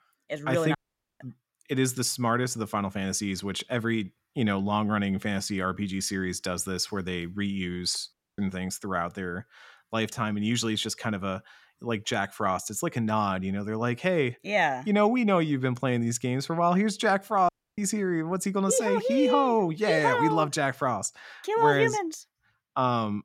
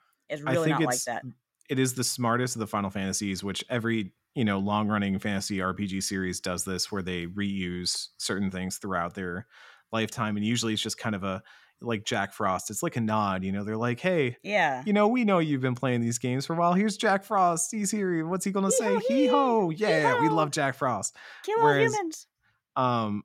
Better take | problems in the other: second | audio cutting out; at 1 s, at 8 s and at 17 s

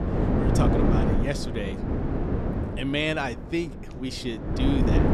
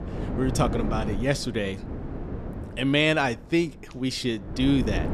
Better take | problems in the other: second | wind noise on the microphone; heavy; as loud as the speech; occasional gusts in the second

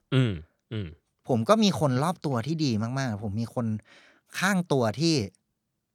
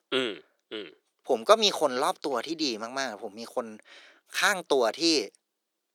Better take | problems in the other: first | thin; very; fading below 350 Hz

